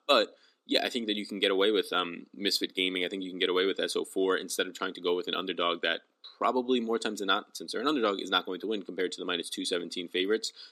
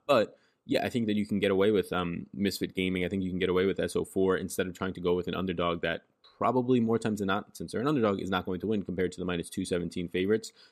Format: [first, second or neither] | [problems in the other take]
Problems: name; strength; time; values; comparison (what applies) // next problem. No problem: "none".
second | thin; very slightly; fading below 300 Hz